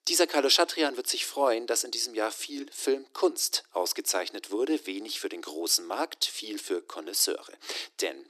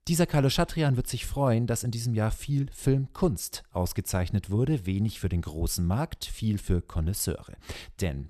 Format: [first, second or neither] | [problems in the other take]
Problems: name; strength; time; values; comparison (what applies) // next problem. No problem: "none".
second | thin; very; fading below 300 Hz